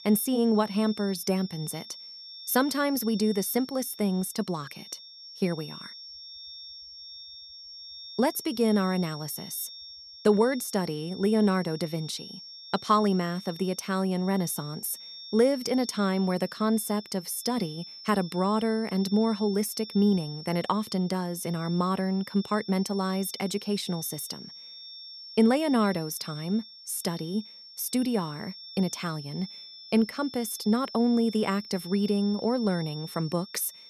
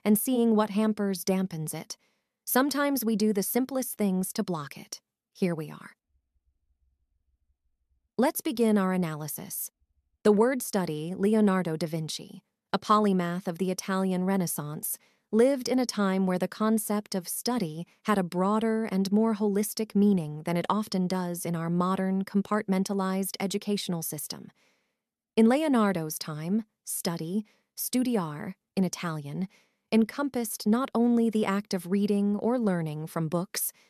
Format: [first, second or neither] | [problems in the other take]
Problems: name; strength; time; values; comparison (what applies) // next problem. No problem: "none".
second | high-pitched whine; noticeable; throughout; 5.5 kHz, 15 dB below the speech